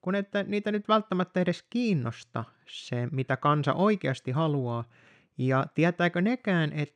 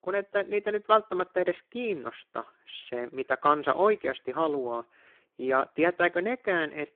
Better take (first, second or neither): first